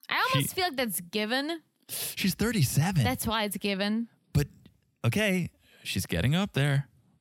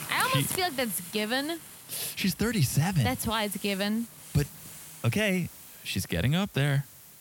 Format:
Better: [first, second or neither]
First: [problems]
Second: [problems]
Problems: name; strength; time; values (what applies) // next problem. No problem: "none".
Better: first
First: none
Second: hiss; noticeable; throughout; 15 dB below the speech